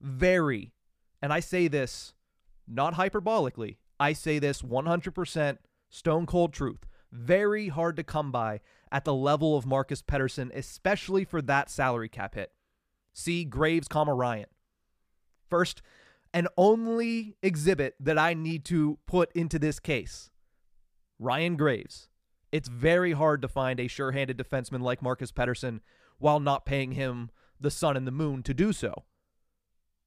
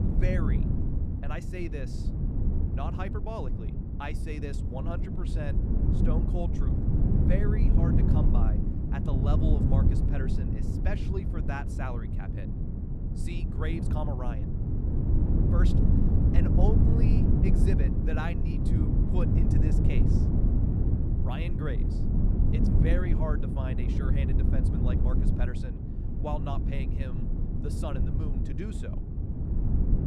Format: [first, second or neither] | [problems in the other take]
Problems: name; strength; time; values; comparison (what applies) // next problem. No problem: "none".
first | wind noise on the microphone; heavy; 1 dB above the speech